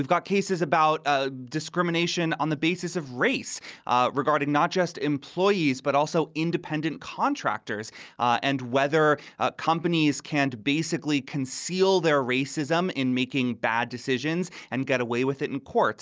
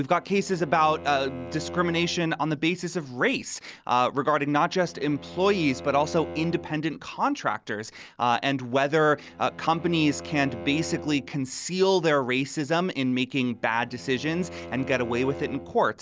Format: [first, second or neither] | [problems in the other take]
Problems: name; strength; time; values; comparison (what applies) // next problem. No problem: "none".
first | background sound (Bowed string instrument); 16 dB below the speech